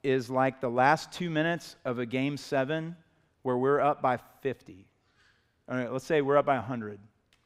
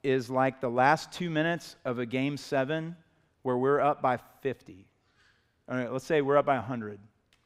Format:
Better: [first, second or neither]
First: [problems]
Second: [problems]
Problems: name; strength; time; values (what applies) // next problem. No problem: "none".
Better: neither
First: none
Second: none